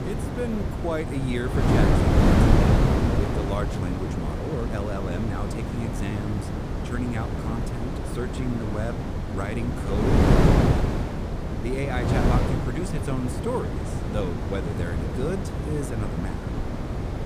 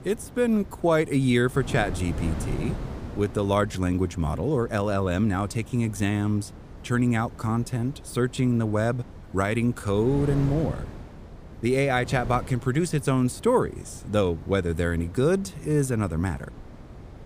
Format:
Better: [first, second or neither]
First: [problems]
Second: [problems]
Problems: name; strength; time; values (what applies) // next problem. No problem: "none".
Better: second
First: wind noise on the microphone; heavy; 3 dB above the speech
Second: wind noise on the microphone; occasional gusts; 15 dB below the speech